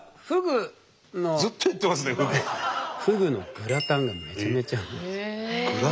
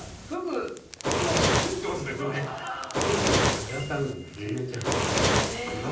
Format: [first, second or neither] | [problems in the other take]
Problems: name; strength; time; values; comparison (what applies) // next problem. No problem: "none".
first | background sound (Fire); 4 dB above the speech // room echo; dies away in 0.6 s